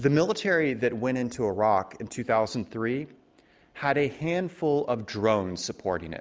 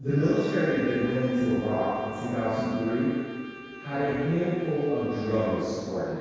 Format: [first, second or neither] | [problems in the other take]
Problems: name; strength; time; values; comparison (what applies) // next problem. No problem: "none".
first | background sound (Bowed string instrument); 18 dB below the speech // room echo; dies away in 2 s